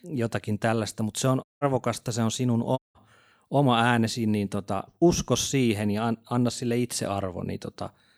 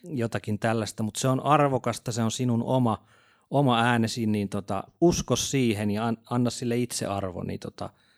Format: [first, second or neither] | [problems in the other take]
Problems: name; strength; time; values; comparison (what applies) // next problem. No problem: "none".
second | audio cutting out; at 1.5 s and at 3 s